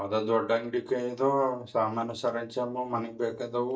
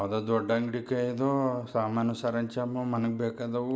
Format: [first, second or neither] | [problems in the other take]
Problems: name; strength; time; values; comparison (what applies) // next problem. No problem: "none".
second | noise reduction (neural mask model DeepFilterNet 3)